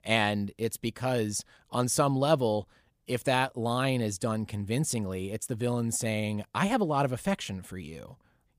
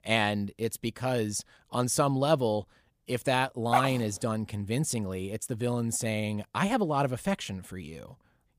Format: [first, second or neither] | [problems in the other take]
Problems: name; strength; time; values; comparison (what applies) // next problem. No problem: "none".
first | dog barking; loud; at 3.5 s; peak 1 dB above the speech